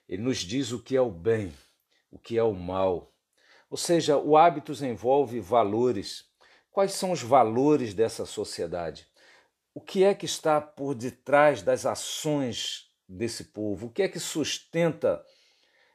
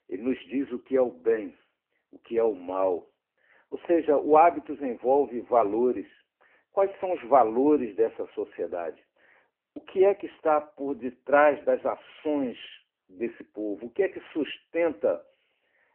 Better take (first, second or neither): first